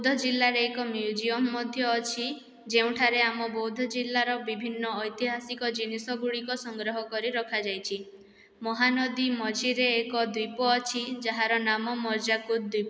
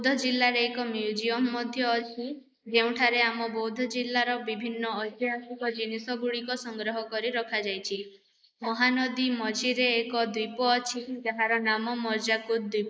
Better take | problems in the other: first | noise reduction (neural mask model Resemble Enhance denoiser)

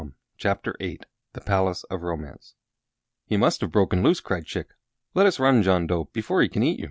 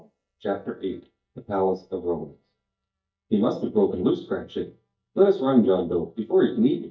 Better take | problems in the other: first | noise reduction (neural mask model DeepFilterNet 3)

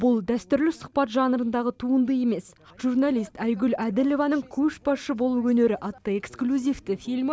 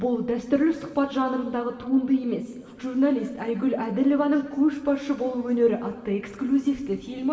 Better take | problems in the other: first | room echo; dies away in 2 s

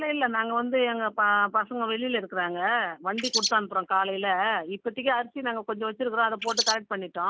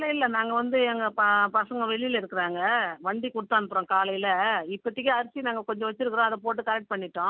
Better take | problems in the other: second | noise reduction (neural mask model Resemble Enhance denoiser)

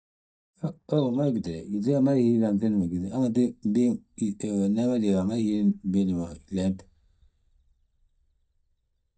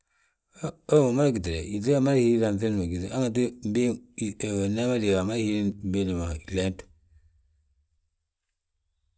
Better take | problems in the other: second | noise reduction (neural mask model DeepFilterNet 3)

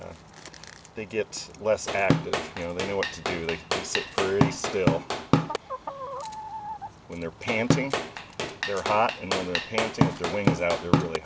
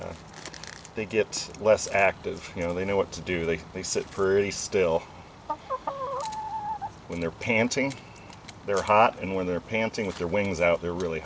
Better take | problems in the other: second | background sound (Drum / Drum kit); 3 dB above the speech

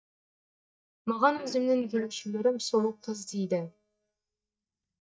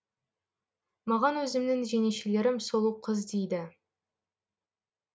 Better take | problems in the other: second | noise reduction (neural mask model DeepFilterNet 3)

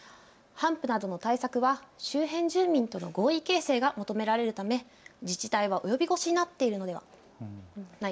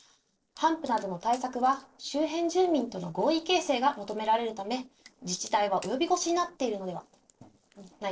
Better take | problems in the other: first | noise reduction (neural separator model SepFormer DNS4)

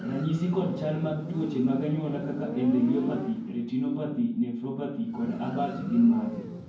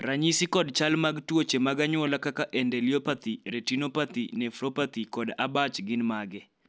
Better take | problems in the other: second | background sound (Motorcycle); 11 dB below the speech // room echo; dies away in 0.9 s

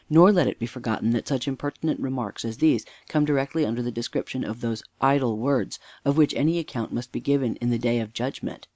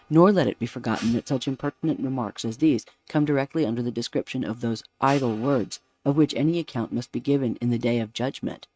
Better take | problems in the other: first | noise reduction (neural mask model RNNoise)

